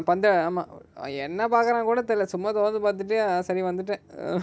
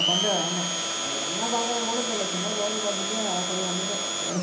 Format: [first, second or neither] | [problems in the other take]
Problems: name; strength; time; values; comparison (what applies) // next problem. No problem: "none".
first | background sound (Domestic sounds, home sounds); 3 dB above the speech // room echo; dies away in 0.6 s